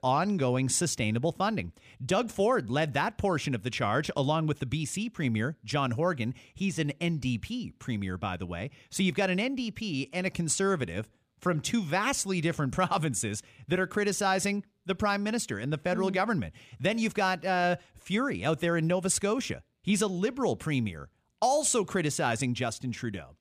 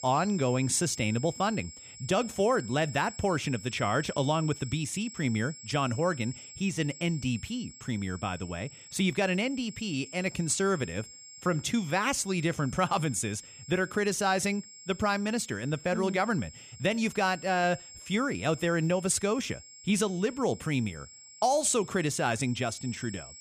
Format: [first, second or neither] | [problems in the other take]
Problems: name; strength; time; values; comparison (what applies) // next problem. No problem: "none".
first | high-pitched whine; noticeable; throughout; 7.5 kHz, 15 dB below the speech